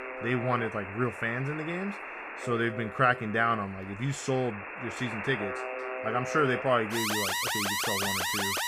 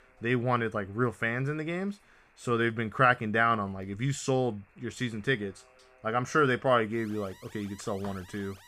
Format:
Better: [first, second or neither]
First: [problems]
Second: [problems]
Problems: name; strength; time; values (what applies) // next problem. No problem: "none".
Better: second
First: alarms or sirens; loud; throughout; 3 dB below the speech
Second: alarms or sirens; faint; throughout; 30 dB below the speech